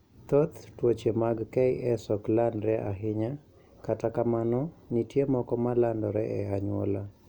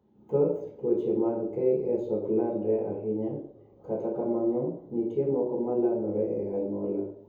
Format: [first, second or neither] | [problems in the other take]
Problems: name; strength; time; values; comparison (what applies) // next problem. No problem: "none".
first | room echo; dies away in 0.7 s